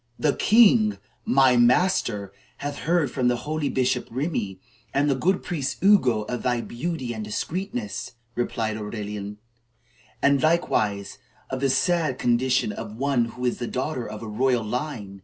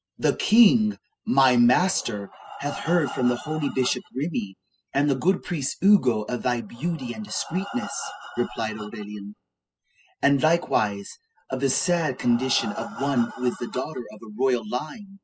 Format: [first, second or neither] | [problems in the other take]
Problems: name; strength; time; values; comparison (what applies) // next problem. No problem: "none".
first | noise reduction (classical method spectral subtraction)